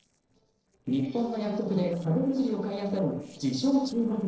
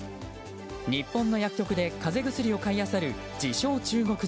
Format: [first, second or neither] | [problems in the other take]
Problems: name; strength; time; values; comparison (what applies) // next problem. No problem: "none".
second | noise reduction (neural separator model SepFormer DNS4)